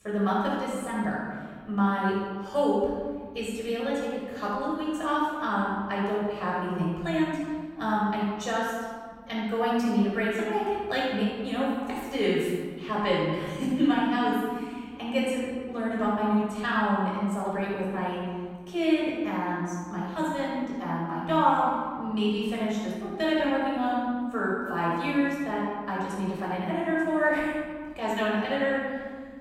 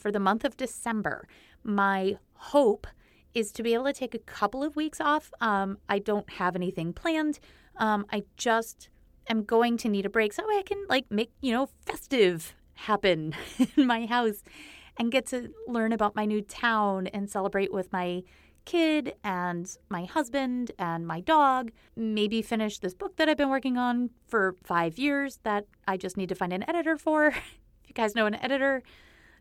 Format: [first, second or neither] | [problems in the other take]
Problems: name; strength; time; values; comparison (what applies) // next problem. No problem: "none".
second | off-mic speech; far // room echo; strong; dies away in 1.8 s